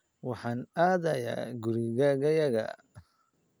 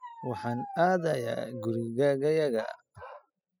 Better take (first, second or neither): first